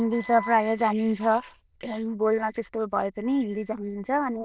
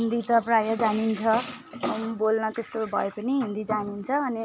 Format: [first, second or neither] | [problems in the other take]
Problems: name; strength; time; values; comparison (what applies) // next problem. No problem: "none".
second | noise reduction (neural diffusion model UNIVERSE++)